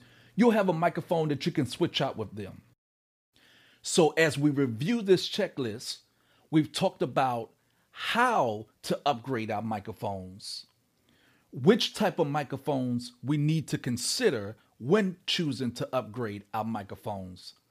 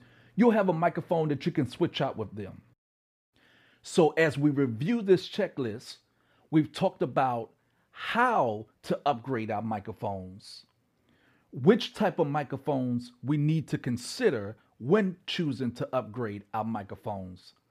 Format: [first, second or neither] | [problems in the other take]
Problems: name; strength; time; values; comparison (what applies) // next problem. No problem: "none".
first | muffled; slightly; fading above 3 kHz